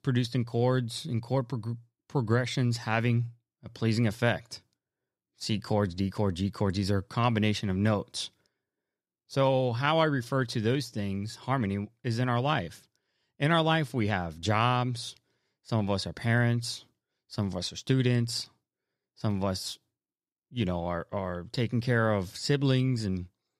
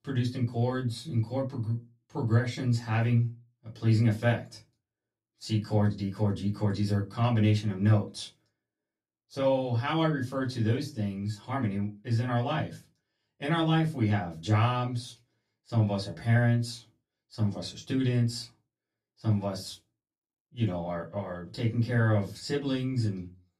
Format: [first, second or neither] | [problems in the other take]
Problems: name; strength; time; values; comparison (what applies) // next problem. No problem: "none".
first | off-mic speech; far // room echo; very slight; dies away in 0.2 s